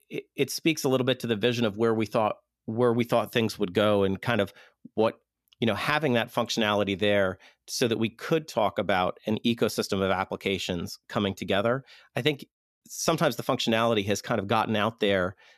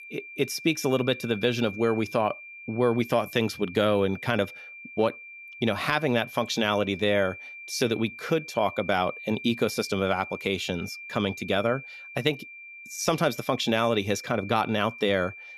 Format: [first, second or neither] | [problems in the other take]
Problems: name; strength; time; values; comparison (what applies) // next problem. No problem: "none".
first | high-pitched whine; noticeable; throughout; 2.5 kHz, 15 dB below the speech